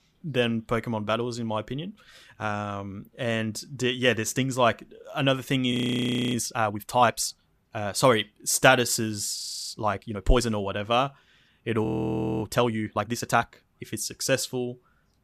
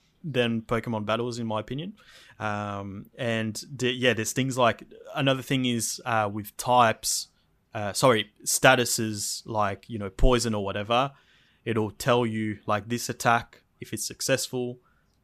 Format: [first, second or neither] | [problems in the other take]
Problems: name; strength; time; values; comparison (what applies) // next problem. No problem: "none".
second | audio freezing; at 5.5 s for 0.5 s, at 9.5 s and at 12 s for 0.5 s